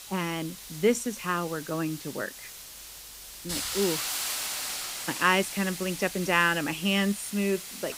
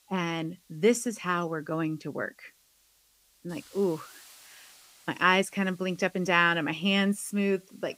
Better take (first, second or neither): second